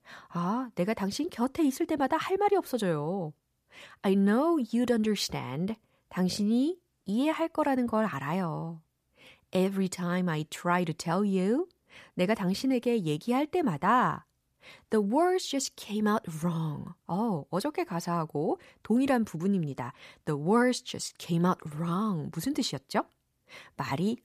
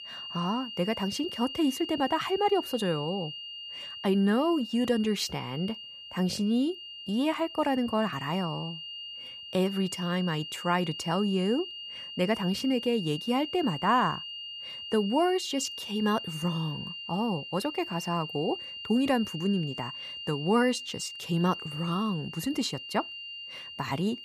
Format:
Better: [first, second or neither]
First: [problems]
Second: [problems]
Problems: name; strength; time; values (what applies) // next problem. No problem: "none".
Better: first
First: none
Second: high-pitched whine; loud; throughout; 3 kHz, 9 dB below the speech